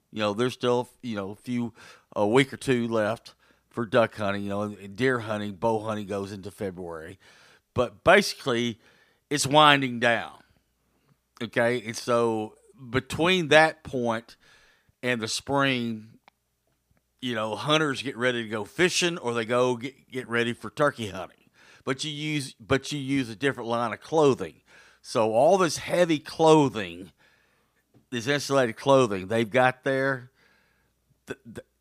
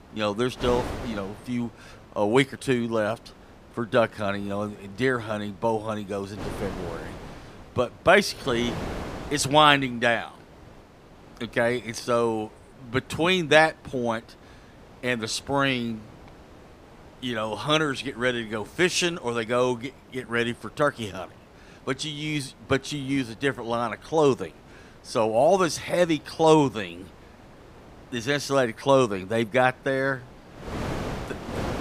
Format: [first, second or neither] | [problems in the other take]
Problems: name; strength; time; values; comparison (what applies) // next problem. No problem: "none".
first | wind noise on the microphone; occasional gusts; 20 dB below the speech